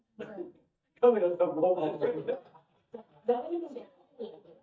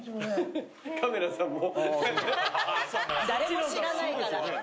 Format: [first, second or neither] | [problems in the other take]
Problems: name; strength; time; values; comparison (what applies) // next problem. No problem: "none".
second | noise reduction (neural mask model DeepFilterNet 3)